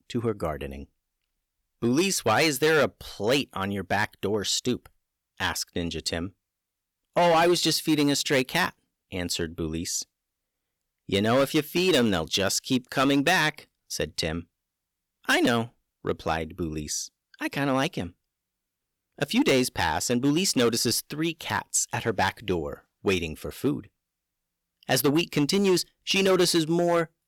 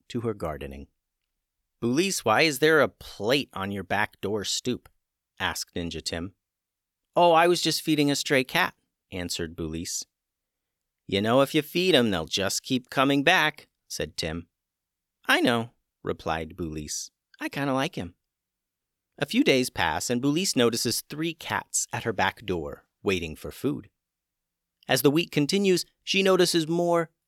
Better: second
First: distortion; slight; 4% of the sound clipped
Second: none

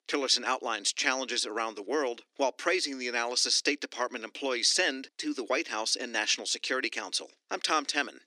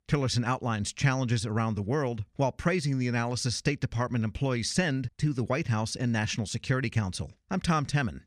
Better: second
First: thin; very; fading below 300 Hz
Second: none

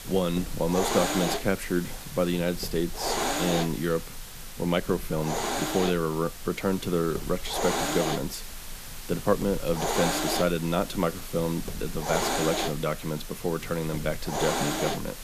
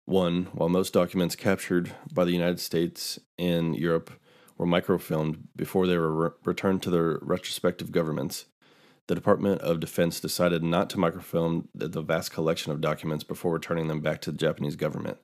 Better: second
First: hiss; loud; throughout; 3 dB below the speech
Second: none

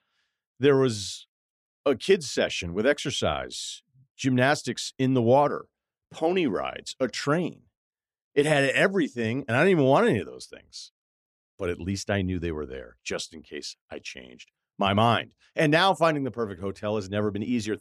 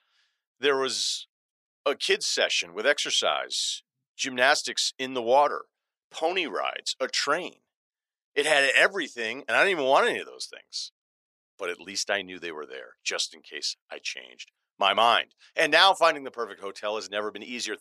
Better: first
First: none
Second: thin; very; fading below 650 Hz

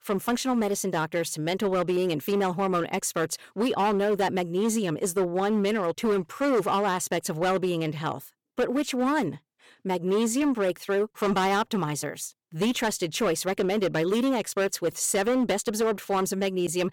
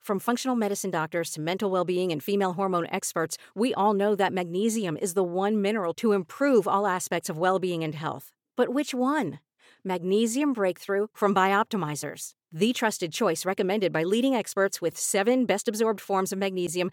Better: second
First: distortion; slight; 11% of the sound clipped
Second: none

